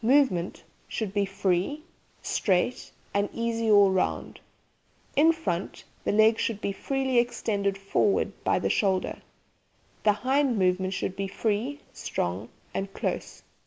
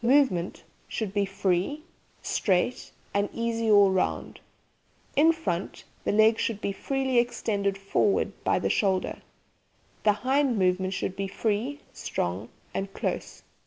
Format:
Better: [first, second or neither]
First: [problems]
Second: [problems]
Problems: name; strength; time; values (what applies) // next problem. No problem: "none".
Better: first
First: none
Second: background sound (Cowbell); 20 dB below the speech